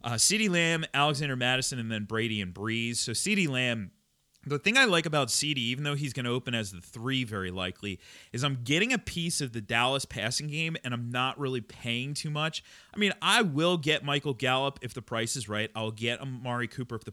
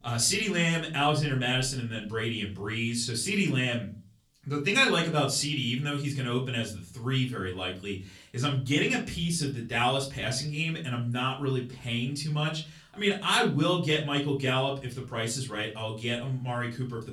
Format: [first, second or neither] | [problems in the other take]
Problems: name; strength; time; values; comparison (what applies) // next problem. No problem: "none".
first | off-mic speech; far // room echo; very slight; dies away in 0.3 s